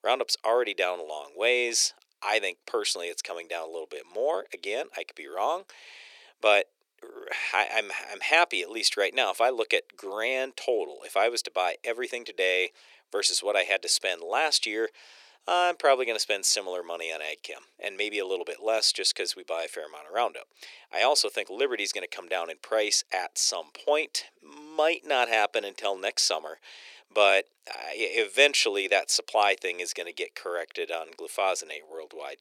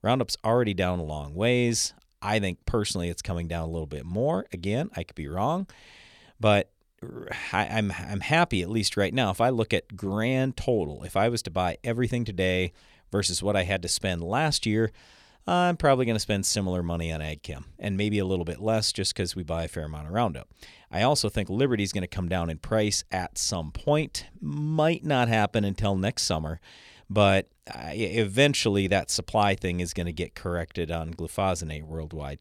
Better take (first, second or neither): second